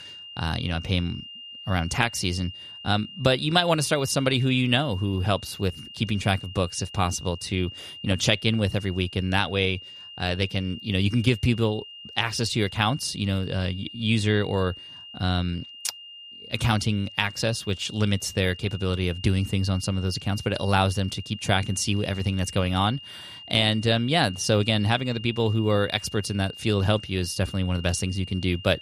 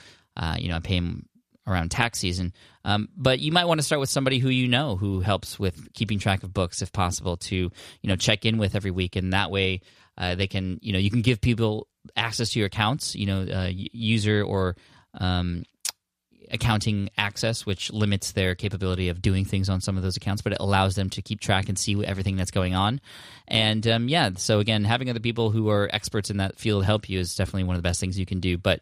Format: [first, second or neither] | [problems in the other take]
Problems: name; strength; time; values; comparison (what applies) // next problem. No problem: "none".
second | high-pitched whine; noticeable; throughout; 3 kHz, 15 dB below the speech